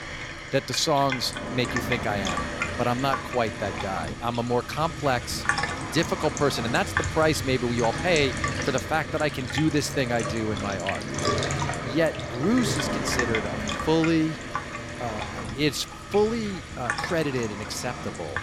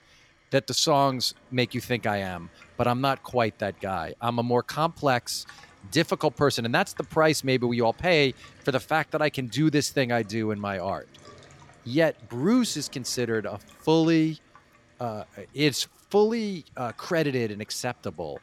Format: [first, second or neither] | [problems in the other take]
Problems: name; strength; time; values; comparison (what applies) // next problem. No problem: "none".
second | household noises; loud; throughout; 4 dB below the speech; faint in the second